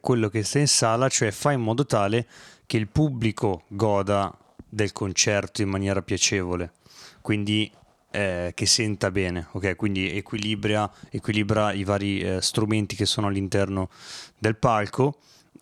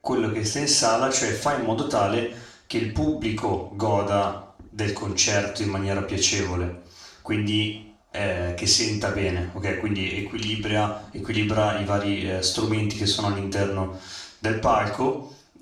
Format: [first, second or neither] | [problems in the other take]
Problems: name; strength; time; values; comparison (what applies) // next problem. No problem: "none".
first | room echo; noticeable; dies away in 0.5 s // off-mic speech; far